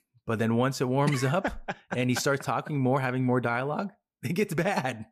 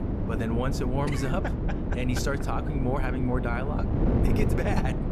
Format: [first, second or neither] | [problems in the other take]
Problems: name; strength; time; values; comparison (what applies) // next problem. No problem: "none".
first | wind noise on the microphone; heavy; 3 dB below the speech